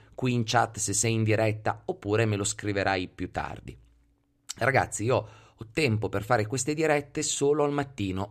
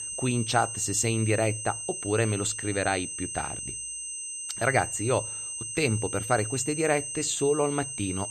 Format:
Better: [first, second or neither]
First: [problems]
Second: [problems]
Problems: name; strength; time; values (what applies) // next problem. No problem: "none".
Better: first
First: none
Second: high-pitched whine; loud; throughout; 8.5 kHz, 5 dB below the speech